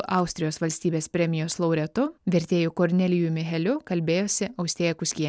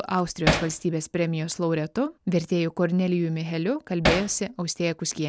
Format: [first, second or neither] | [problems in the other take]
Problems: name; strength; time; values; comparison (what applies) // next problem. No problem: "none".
first | background sound (Hammer); 1 dB above the speech